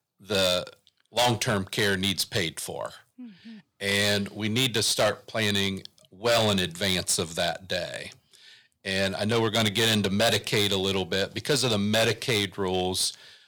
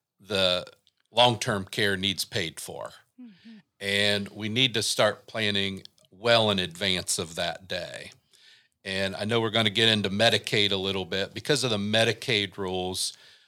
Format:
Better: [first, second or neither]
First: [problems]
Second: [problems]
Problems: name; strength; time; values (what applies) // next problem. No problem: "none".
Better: second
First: distortion; heavy; 7% of the sound clipped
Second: none